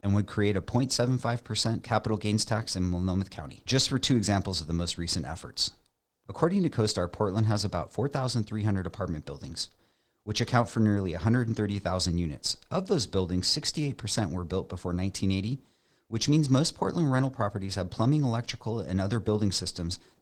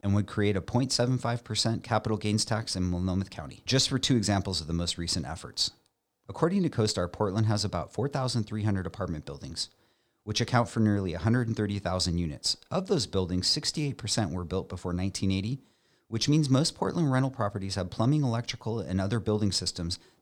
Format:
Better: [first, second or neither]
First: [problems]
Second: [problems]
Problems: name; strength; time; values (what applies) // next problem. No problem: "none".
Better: second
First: garbled, watery; slightly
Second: none